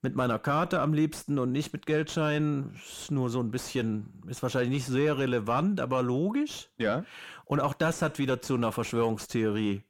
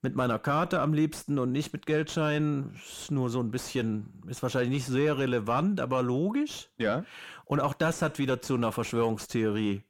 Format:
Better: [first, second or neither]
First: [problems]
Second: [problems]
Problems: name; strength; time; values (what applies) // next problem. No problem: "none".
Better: neither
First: distortion; slight; 10 dB below the speech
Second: distortion; slight; 10 dB below the speech